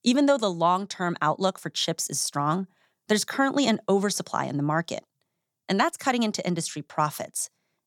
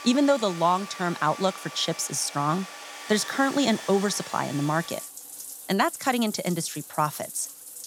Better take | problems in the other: first | household noises; noticeable; throughout; 10 dB below the speech

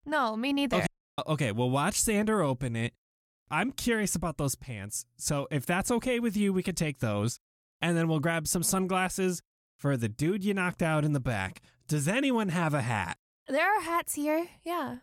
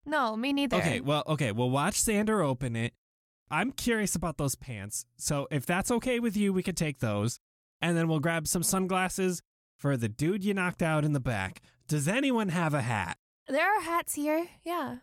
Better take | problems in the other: second | audio cutting out; at 1 s

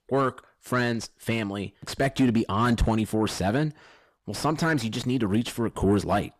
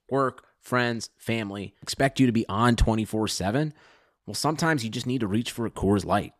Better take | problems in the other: second | distortion; slight; 10 dB below the speech

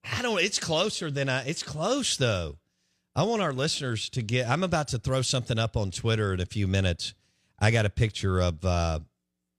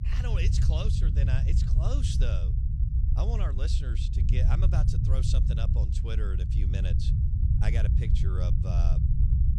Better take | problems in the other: first | low rumble; loud; throughout; 2 dB below the speech

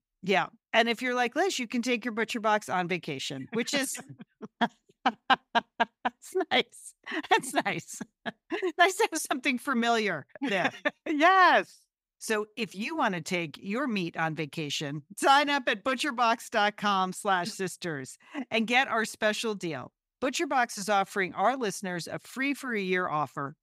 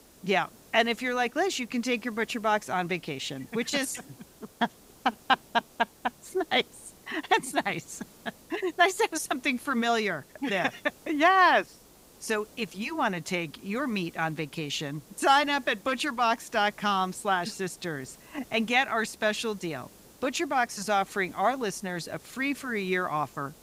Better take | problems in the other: first | hiss; faint; throughout; 25 dB below the speech

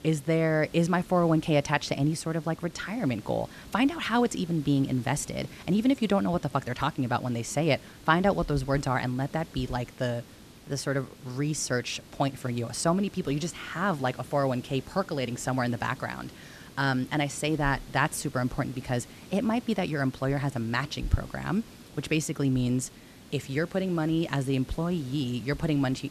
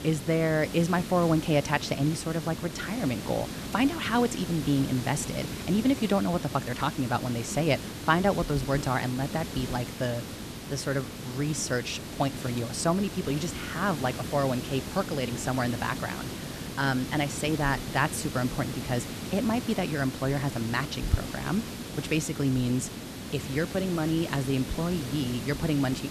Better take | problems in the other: first | hiss; loud; throughout; 8 dB below the speech; faint in the first

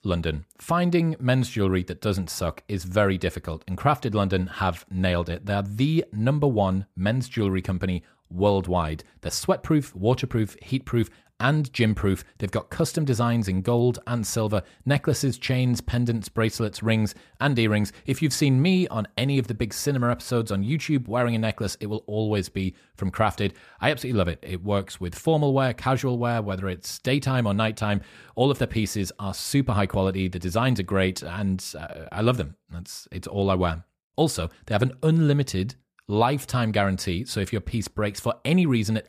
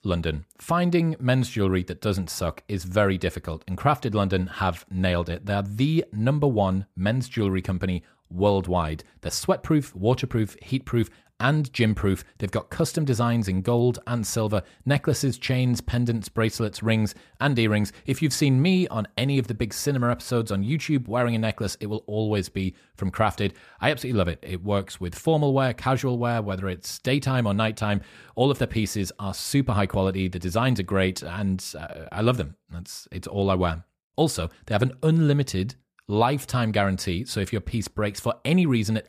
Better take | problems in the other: neither | none

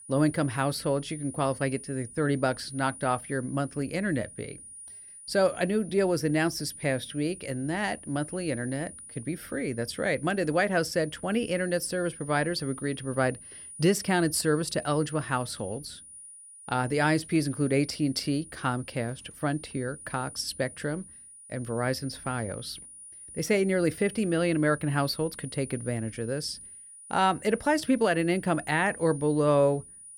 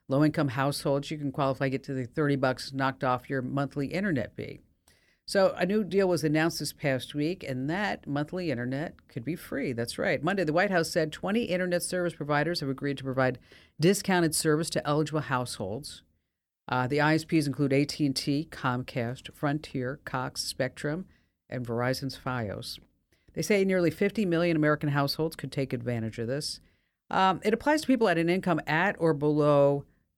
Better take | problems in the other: second | high-pitched whine; noticeable; throughout; 9.5 kHz, 15 dB below the speech

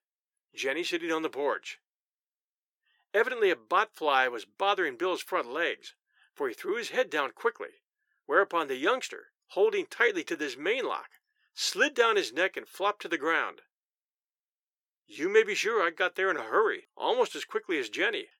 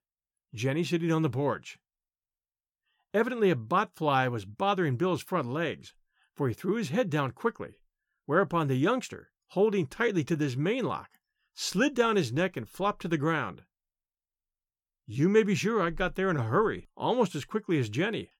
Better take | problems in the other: second | thin; very; fading below 400 Hz

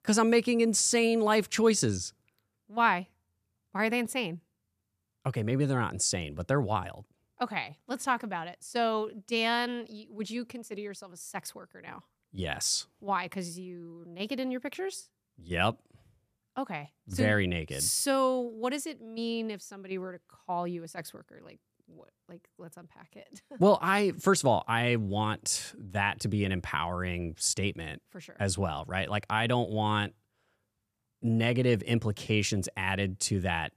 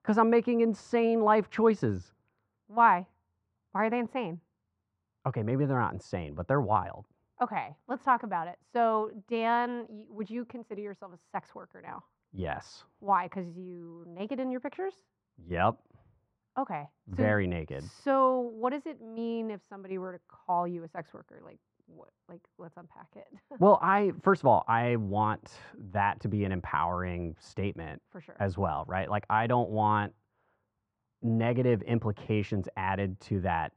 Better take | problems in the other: first | muffled; very; fading above 1.5 kHz

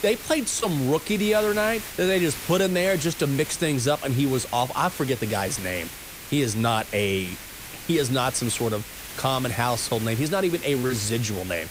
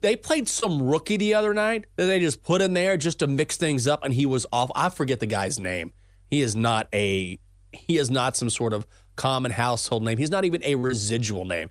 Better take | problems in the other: second | hiss; noticeable; throughout; 10 dB below the speech

